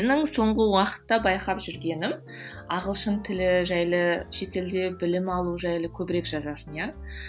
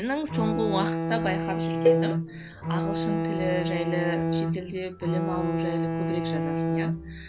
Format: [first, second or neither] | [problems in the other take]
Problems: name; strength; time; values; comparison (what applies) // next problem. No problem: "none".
first | background sound (Bowed string instrument + Cowbell); 5 dB above the speech